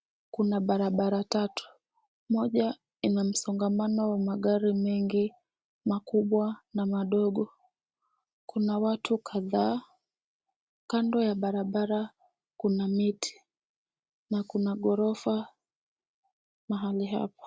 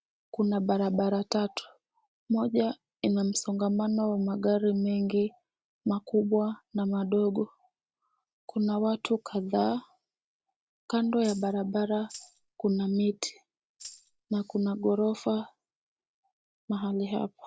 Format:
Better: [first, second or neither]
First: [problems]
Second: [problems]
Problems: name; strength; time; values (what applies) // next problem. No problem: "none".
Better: first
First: none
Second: background sound (Tambourine); 19 dB below the speech